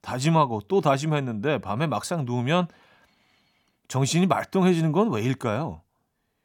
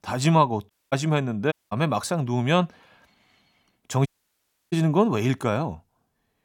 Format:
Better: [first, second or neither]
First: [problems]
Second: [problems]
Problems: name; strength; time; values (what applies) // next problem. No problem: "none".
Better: first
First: none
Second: audio cutting out; at 0.5 s, at 1.5 s and at 4 s for 0.5 s